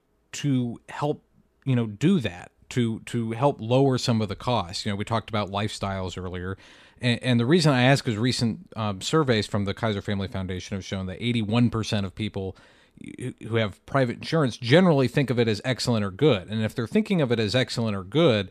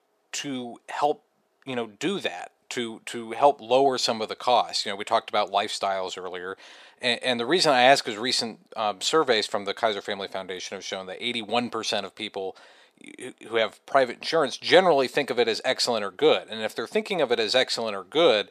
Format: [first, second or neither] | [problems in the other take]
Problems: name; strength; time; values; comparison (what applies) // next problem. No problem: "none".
first | thin; very; fading below 500 Hz